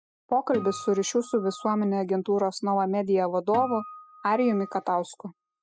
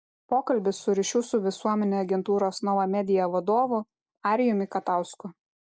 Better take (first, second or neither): second